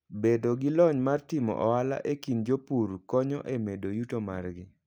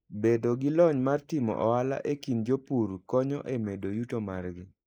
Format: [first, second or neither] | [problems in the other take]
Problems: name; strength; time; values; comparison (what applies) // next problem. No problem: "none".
first | noise reduction (neural mask model Resemble Enhance denoiser)